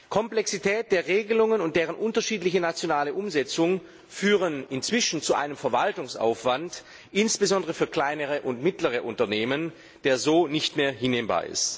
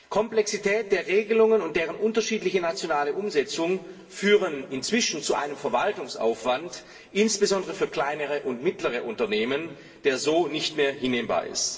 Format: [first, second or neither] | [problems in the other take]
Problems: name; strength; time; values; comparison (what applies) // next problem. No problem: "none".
first | room echo; dies away in 2.1 s